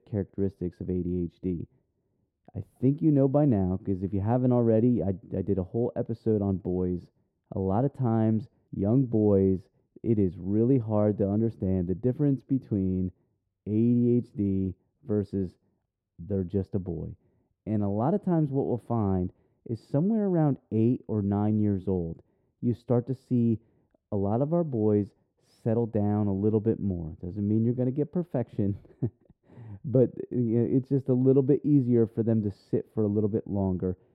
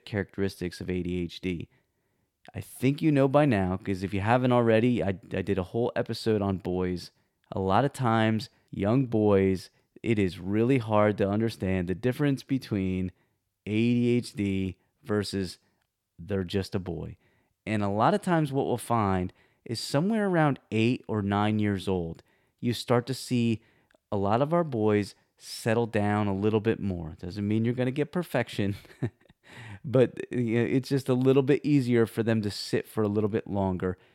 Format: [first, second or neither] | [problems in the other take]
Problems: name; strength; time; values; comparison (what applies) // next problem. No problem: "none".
second | muffled; very; fading above 1 kHz